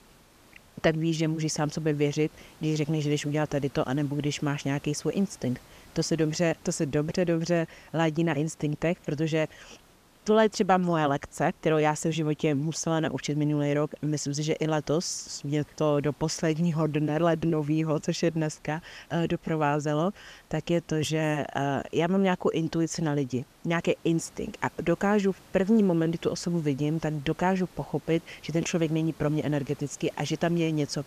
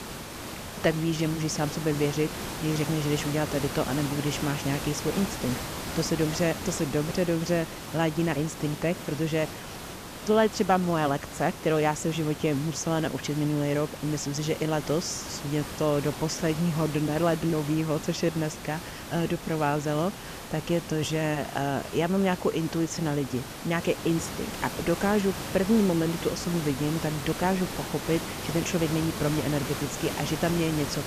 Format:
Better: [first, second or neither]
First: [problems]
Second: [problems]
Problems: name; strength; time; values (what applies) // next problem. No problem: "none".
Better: first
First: hiss; faint; throughout; 25 dB below the speech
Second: hiss; loud; throughout; 8 dB below the speech